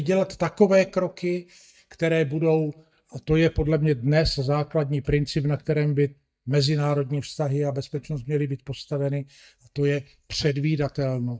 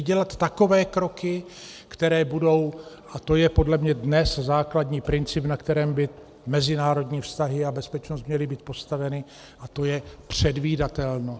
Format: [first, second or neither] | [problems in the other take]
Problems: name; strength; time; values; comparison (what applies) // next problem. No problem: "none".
second | noise reduction (neural mask model DeepFilterNet 3)